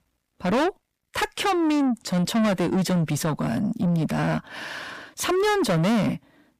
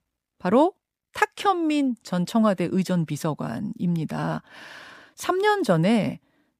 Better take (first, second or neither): second